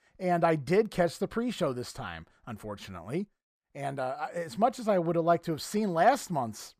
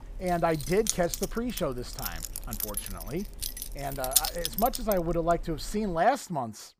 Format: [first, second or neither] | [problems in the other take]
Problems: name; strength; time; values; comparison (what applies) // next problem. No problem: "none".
first | jangling keys; loud; until 6 s; peak 5 dB above the speech